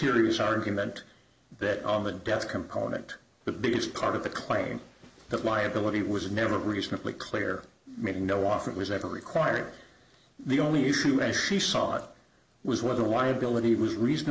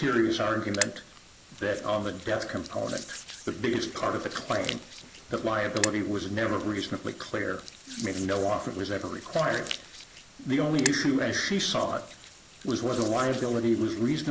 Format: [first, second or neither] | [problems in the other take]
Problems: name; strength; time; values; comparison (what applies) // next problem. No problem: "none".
first | background sound (Hands); 11 dB below the speech